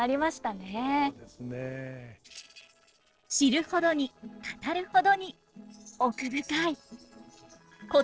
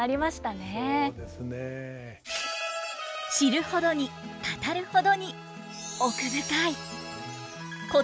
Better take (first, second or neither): second